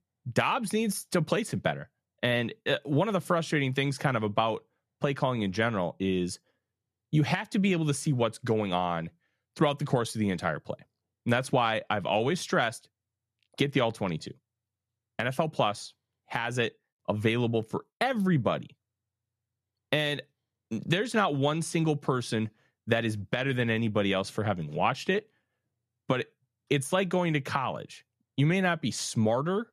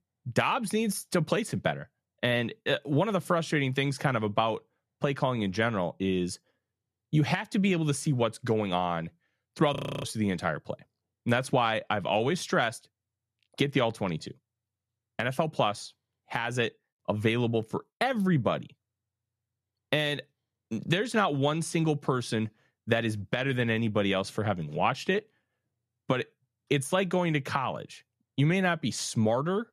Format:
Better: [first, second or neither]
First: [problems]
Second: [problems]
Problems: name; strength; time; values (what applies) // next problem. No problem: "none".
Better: first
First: none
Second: audio freezing; at 10 s